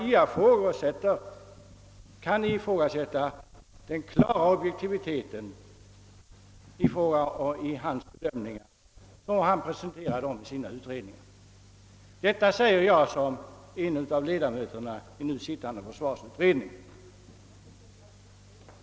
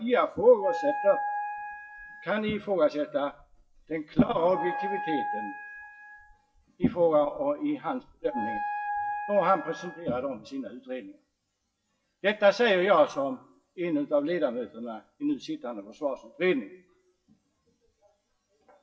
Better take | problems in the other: first | noise reduction (classical method WPE with log-MMSE)

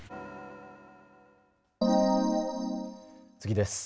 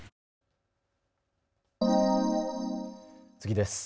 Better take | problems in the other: second | background sound (Organ); 18 dB below the speech

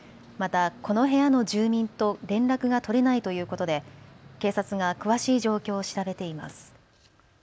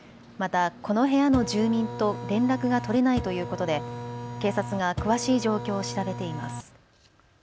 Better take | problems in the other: first | background sound (Printer); 8 dB below the speech

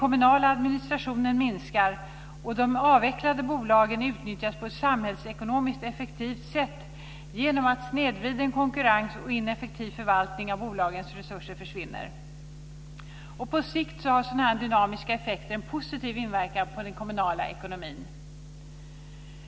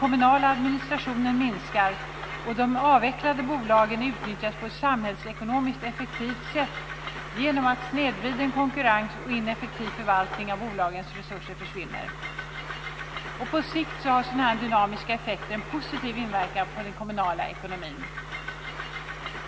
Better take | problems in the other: first | background sound (Train); 11 dB below the speech

